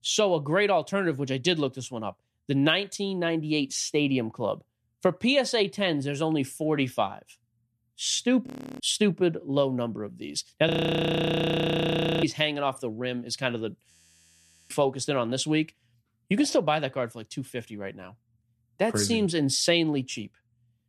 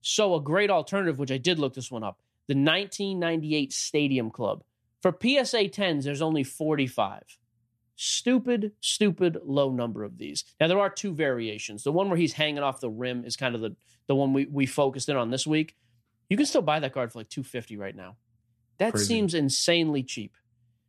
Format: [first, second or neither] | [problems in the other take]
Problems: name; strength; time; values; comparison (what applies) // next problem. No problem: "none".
second | audio freezing; at 8.5 s, at 11 s for 1.5 s and at 14 s for 1 s